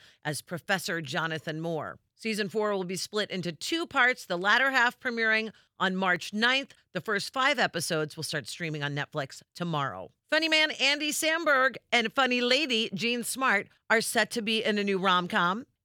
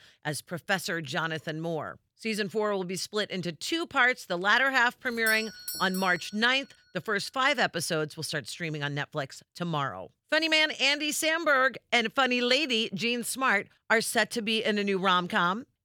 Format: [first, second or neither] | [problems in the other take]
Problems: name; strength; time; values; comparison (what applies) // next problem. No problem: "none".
first | doorbell; noticeable; from 5 to 6.5 s; peak 8 dB below the speech